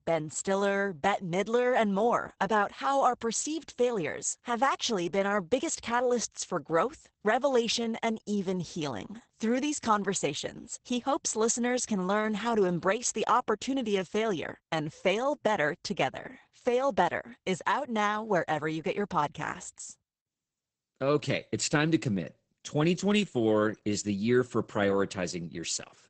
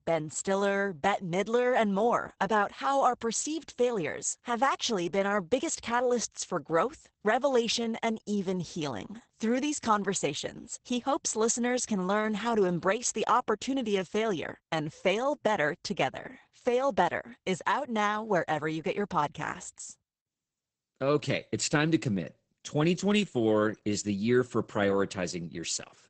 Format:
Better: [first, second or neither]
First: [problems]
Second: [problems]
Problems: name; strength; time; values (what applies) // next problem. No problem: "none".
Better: neither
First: garbled, watery; badly; nothing above 8 kHz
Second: garbled, watery; badly; nothing above 8 kHz